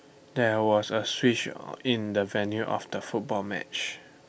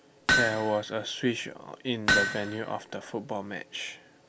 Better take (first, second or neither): first